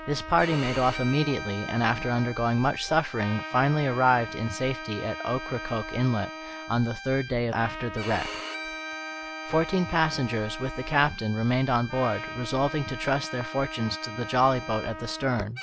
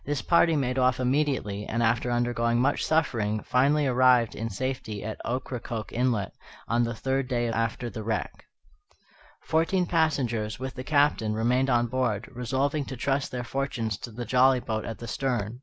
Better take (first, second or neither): second